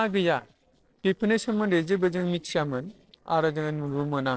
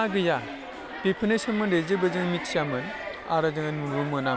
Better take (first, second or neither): second